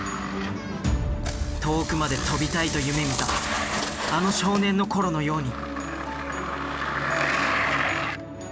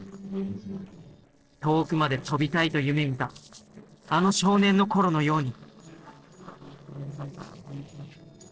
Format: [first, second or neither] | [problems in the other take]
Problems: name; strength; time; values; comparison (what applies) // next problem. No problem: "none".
first | noise reduction (neural separator model SepFormer DNS4)